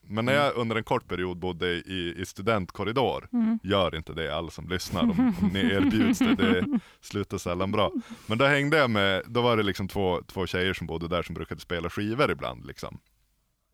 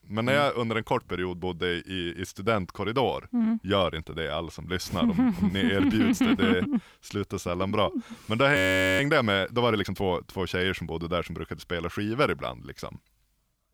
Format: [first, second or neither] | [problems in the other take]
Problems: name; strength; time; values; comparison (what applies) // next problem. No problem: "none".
first | audio freezing; at 8.5 s